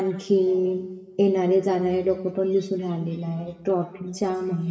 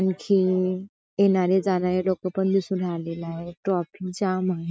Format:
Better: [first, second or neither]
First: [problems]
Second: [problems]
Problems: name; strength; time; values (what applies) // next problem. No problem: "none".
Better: second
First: room echo; dies away in 2.6 s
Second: none